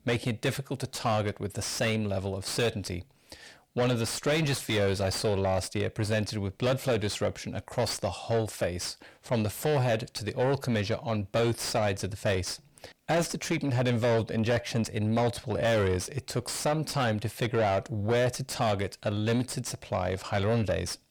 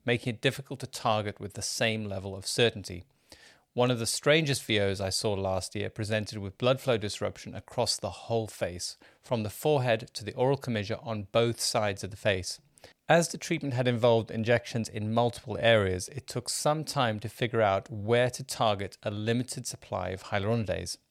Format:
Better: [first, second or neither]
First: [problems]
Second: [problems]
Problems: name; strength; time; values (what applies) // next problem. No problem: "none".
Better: second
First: distortion; heavy; 7 dB below the speech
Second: none